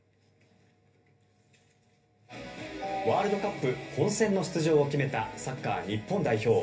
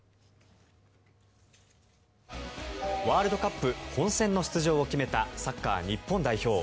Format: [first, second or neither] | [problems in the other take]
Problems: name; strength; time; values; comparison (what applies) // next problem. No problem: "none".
second | room echo; dies away in 0.3 s